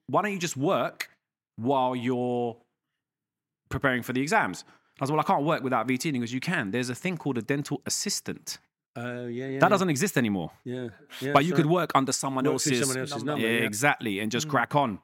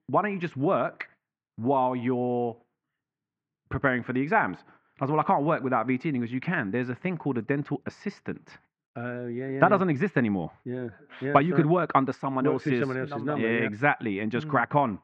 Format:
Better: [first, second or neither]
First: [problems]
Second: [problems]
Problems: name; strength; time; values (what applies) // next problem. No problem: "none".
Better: first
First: none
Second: muffled; very; fading above 2 kHz